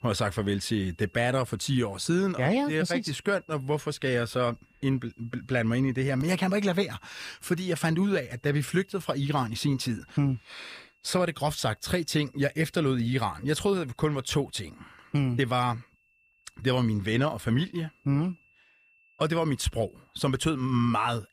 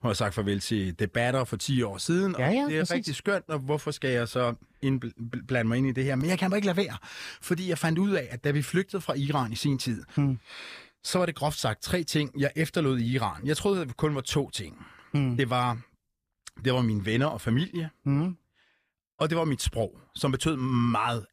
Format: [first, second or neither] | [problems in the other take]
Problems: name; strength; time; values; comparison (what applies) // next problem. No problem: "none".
second | high-pitched whine; faint; throughout; 2.5 kHz, 35 dB below the speech